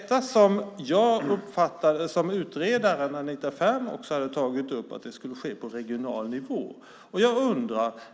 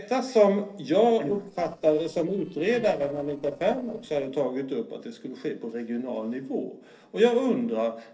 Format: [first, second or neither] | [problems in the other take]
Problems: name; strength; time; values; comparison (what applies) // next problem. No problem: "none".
first | noise reduction (neural separator model SepFormer DNS4)